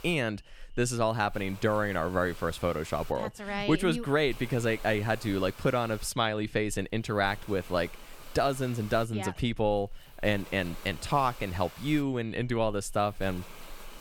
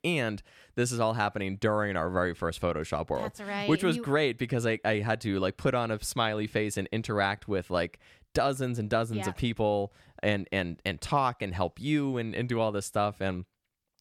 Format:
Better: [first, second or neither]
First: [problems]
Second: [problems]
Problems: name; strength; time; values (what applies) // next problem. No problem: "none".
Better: second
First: hiss; noticeable; throughout; 20 dB below the speech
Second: none